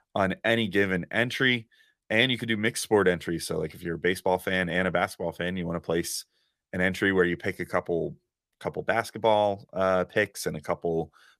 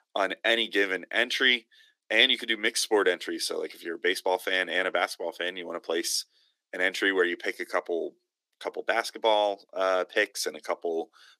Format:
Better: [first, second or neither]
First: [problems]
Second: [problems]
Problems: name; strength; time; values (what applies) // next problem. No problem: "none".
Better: first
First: none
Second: thin; somewhat; fading below 300 Hz